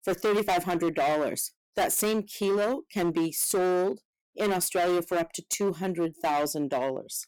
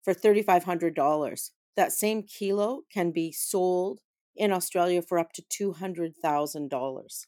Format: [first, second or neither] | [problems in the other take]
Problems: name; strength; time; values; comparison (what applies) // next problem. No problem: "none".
second | distortion; heavy; 17% of the sound clipped